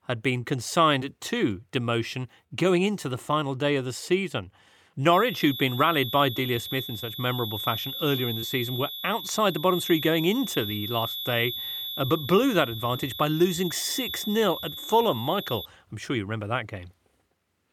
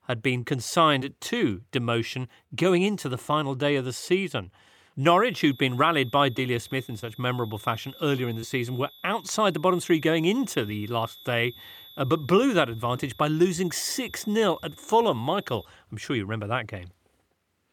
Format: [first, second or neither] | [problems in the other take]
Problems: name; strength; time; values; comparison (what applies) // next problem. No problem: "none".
second | high-pitched whine; loud; from 5 to 16 s; 3.5 kHz, 7 dB below the speech; faint in the second